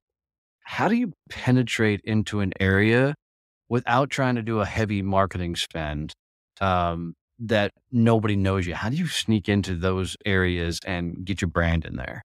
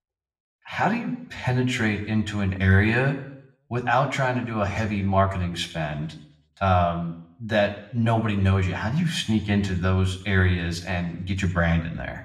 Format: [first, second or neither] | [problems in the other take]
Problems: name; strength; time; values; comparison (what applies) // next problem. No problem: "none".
first | room echo; very slight; dies away in 0.6 s // off-mic speech; somewhat distant